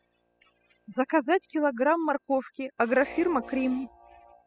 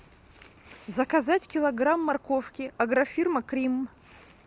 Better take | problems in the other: second | noise reduction (classical method spectral subtraction)

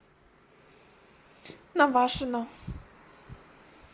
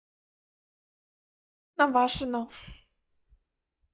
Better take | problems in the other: first | noise reduction (neural mask model DeepFilterNet 3)

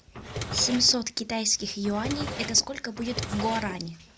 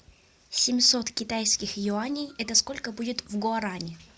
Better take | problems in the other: second | background sound (Drawer open or close); 8 dB below the speech

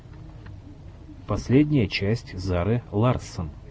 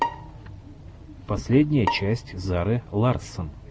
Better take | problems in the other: first | background sound (Bowed string instrument); 10 dB below the speech

